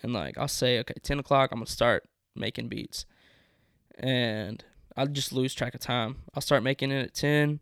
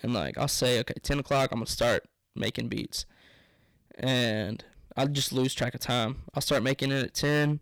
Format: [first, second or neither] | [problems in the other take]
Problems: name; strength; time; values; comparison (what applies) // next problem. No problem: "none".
first | distortion; heavy; 7% of the sound clipped